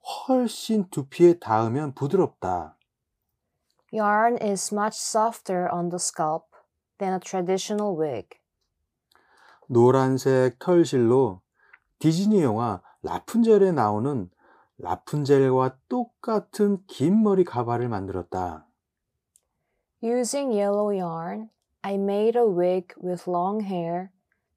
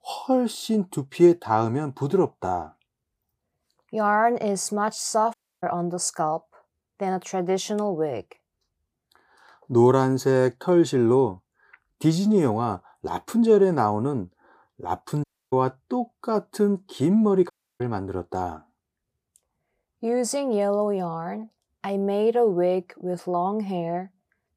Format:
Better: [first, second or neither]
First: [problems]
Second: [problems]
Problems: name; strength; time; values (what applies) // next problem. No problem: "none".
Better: first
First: none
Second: audio cutting out; at 5.5 s, at 15 s and at 18 s